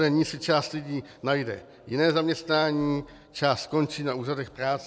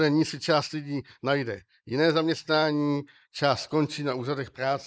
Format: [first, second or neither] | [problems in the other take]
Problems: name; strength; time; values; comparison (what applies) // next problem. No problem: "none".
first | noise reduction (neural mask model Resemble Enhance denoiser)